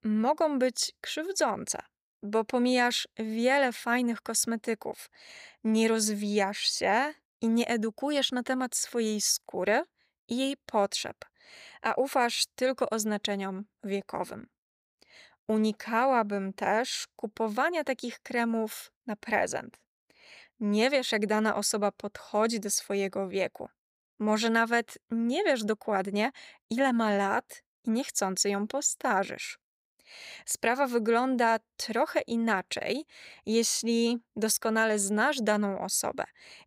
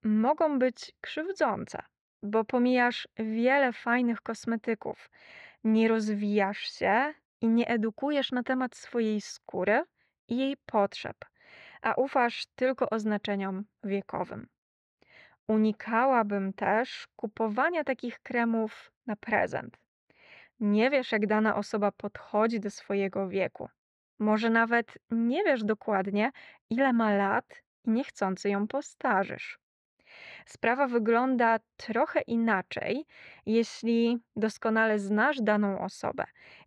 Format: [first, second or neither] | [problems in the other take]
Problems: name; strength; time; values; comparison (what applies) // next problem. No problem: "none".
first | muffled; slightly; fading above 2 kHz